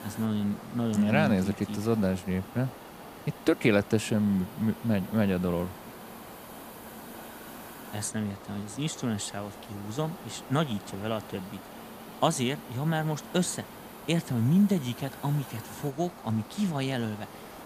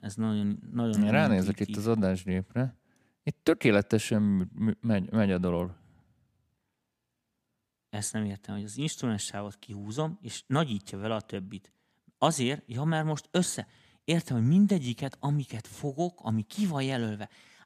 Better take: second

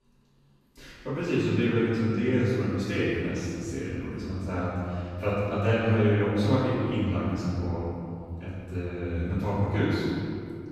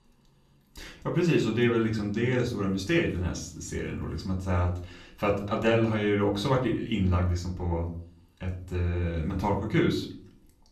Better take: second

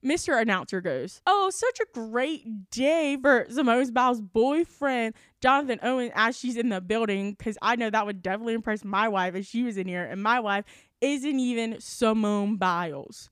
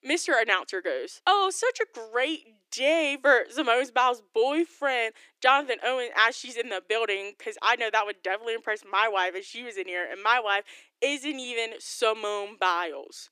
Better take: first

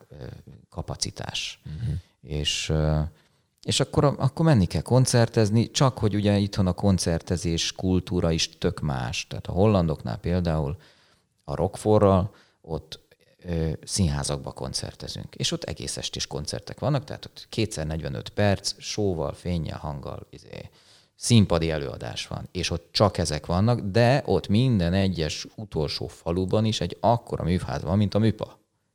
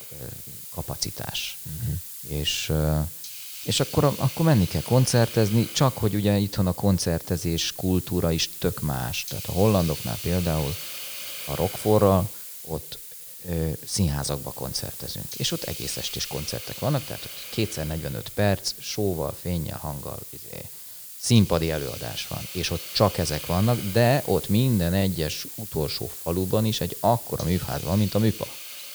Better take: first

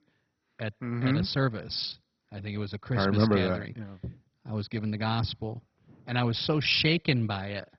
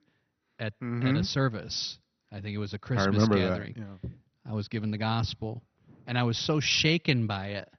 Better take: second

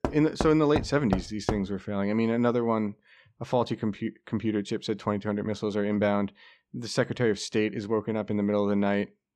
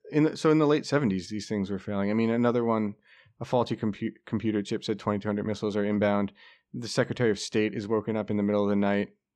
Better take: second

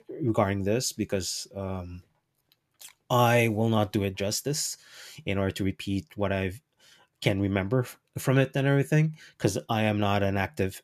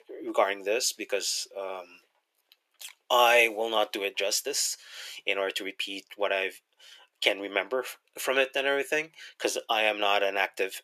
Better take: first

